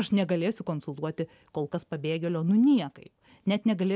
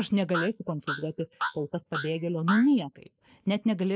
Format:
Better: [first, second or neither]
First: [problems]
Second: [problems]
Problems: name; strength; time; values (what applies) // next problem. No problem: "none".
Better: first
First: none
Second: noise reduction (neural mask model Resemble Enhance denoiser)